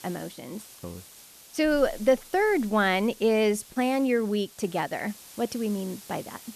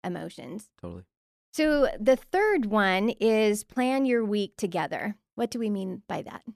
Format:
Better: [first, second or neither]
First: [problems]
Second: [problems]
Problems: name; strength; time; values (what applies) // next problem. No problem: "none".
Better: second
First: hiss; noticeable; throughout; 20 dB below the speech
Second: none